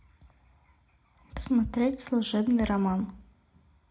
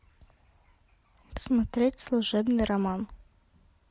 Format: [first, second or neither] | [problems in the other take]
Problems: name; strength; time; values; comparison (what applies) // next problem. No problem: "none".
second | room echo; dies away in 0.2 s